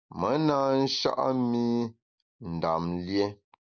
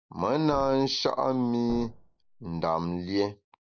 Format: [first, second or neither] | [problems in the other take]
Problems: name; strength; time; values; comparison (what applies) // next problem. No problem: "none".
first | background sound (Thump, thud); 16 dB below the speech